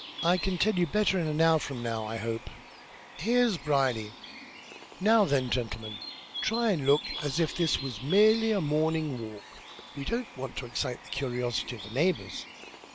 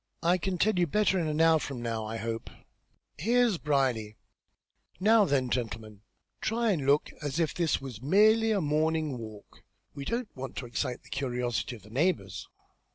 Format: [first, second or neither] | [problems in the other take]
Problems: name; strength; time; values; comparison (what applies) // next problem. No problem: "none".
second | background sound (Bird); 13 dB below the speech